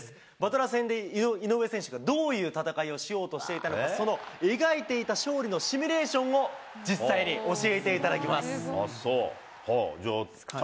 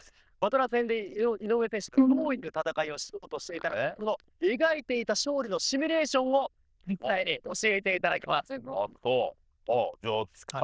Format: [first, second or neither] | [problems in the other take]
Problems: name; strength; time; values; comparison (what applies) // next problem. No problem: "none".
first | noise reduction (neural diffusion model UNIVERSE++)